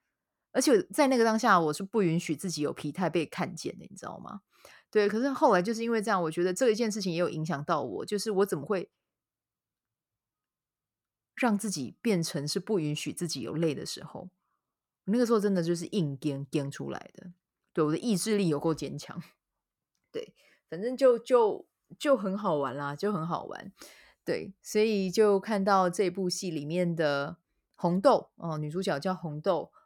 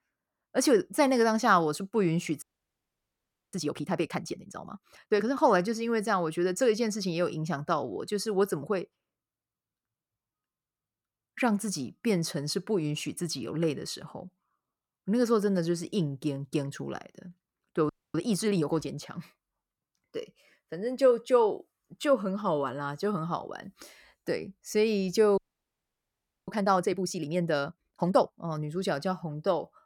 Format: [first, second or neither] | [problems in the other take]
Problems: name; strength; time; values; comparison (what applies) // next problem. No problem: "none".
first | audio freezing; at 2.5 s for 1 s, at 18 s and at 25 s for 1 s